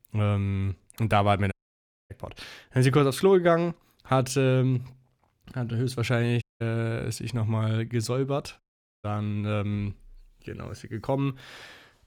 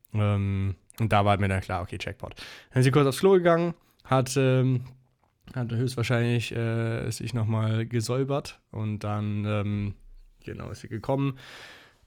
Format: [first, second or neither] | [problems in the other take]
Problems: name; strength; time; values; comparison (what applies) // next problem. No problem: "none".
second | audio cutting out; at 1.5 s for 0.5 s, at 6.5 s and at 8.5 s